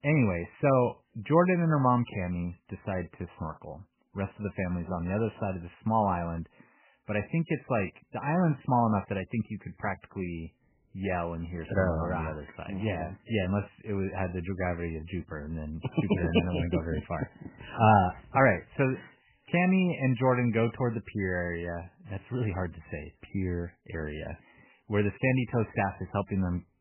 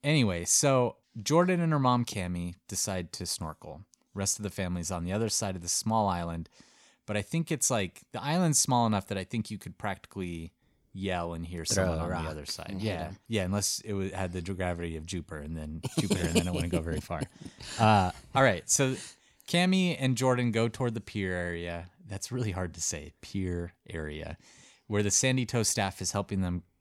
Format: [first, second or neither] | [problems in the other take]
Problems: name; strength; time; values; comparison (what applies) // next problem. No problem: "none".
second | garbled, watery; badly; nothing above 3 kHz